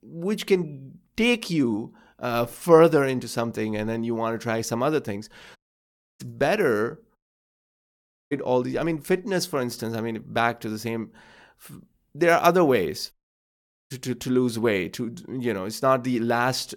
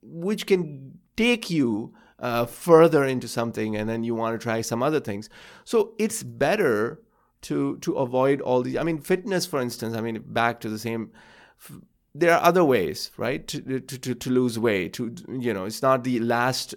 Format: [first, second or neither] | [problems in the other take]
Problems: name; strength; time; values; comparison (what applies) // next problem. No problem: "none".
second | audio cutting out; at 5.5 s for 0.5 s, at 7 s for 1 s and at 13 s for 1 s